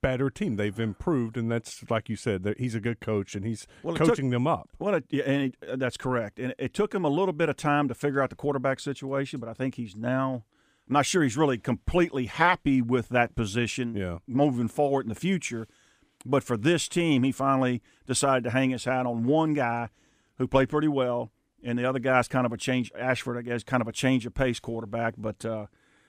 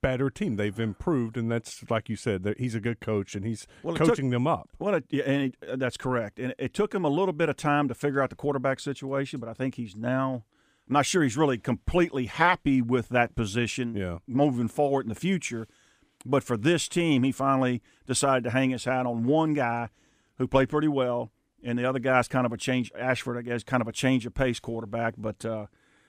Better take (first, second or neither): neither